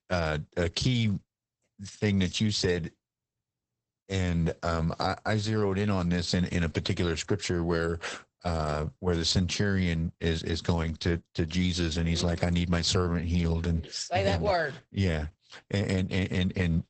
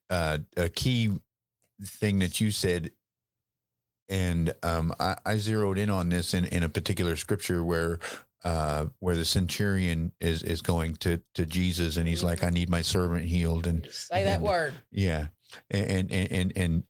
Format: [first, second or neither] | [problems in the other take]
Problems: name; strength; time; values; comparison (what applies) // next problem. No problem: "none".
second | garbled, watery; badly; nothing above 8 kHz; slightly in the second